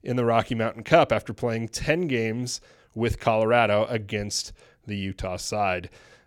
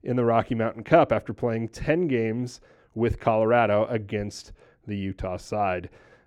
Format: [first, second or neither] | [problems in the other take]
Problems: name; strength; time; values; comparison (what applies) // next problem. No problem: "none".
first | muffled; slightly; fading above 2.5 kHz